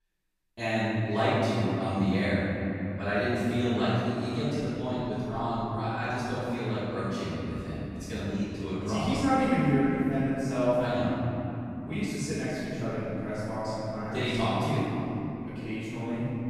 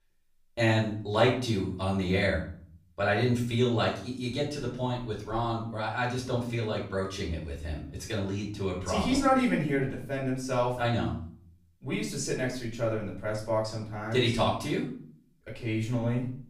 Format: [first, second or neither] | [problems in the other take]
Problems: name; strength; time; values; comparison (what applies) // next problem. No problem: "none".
second | room echo; strong; dies away in 3 s; slight in the second // off-mic speech; far; far in the second